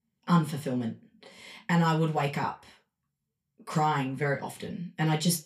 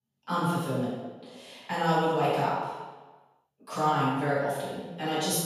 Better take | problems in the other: first | room echo; strong; dies away in 1.1 s; slight in the first // off-mic speech; far; far in the first

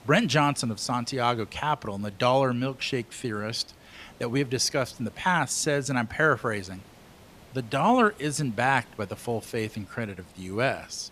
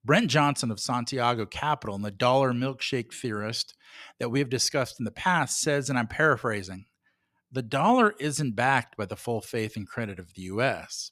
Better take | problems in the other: second | hiss; faint; throughout; 25 dB below the speech

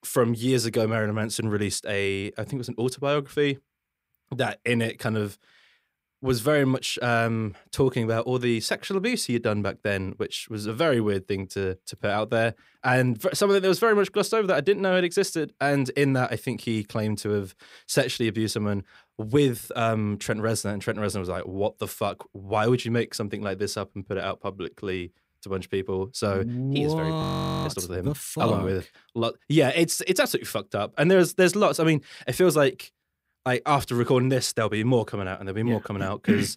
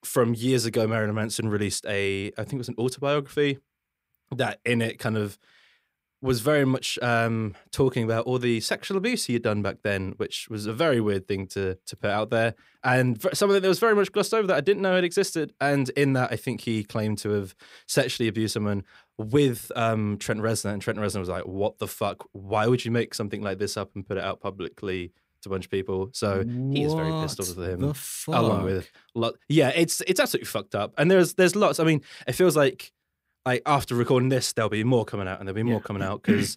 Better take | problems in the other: second | audio freezing; at 27 s

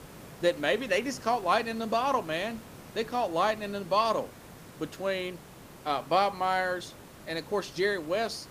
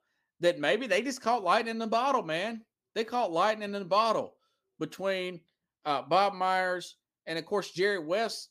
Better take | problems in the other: second | hiss; noticeable; throughout; 20 dB below the speech

